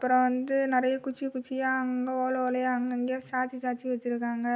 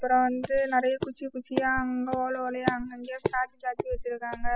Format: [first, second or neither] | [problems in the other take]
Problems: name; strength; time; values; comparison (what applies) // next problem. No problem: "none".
first | noise reduction (classical method spectral subtraction)